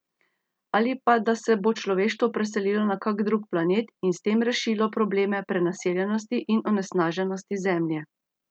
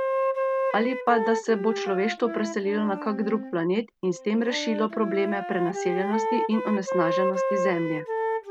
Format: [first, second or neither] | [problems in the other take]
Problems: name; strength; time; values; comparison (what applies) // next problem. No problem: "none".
first | background sound (Wind instrument, woodwind instrument); 2 dB below the speech